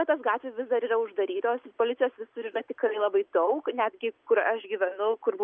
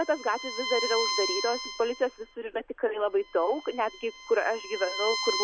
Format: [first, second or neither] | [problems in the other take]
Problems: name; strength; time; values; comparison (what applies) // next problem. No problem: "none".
first | background sound (Bowed string instrument); 6 dB below the speech